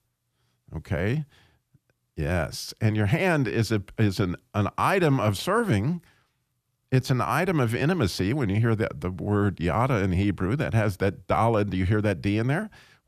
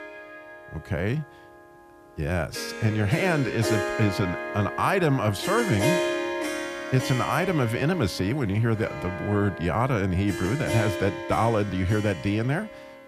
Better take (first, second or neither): first